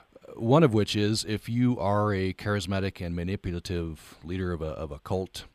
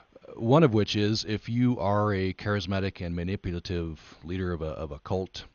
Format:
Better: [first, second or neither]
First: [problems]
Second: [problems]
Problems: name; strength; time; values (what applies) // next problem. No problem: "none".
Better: first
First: none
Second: garbled, watery; slightly; nothing above 6.5 kHz